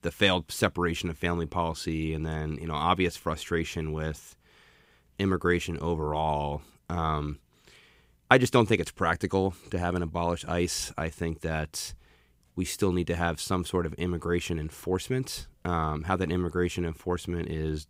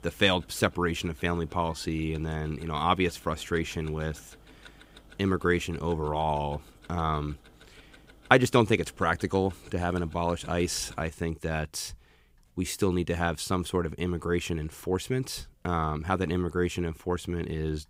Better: first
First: none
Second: household noises; faint; throughout; 25 dB below the speech

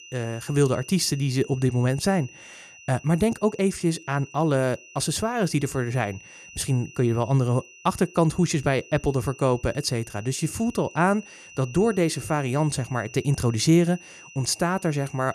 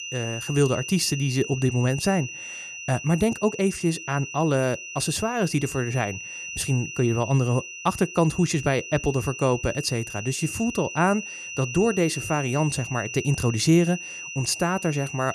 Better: first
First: high-pitched whine; faint; throughout; 3 kHz, 20 dB below the speech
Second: high-pitched whine; loud; throughout; 3 kHz, 9 dB below the speech

